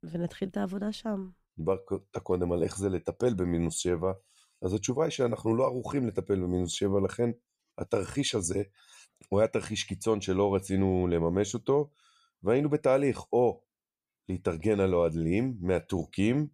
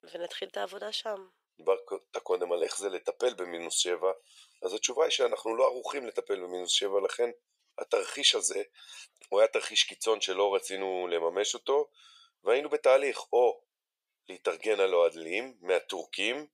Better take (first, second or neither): first